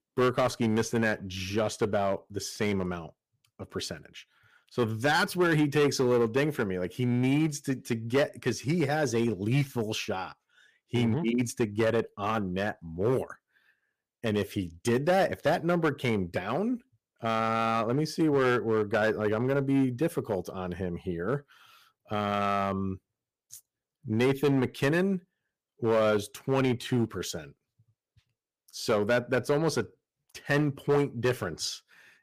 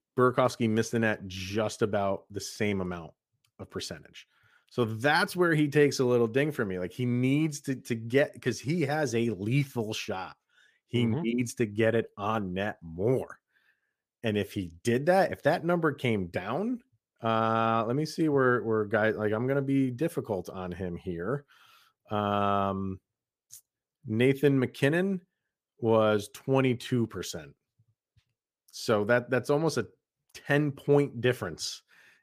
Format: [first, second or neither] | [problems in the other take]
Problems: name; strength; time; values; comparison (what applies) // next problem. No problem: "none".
second | distortion; slight; 5% of the sound clipped